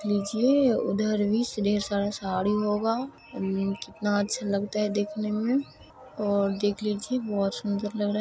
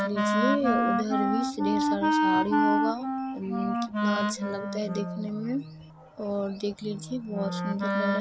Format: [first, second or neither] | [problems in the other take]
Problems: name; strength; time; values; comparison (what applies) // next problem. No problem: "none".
first | background sound (Wind instrument, woodwind instrument); 3 dB above the speech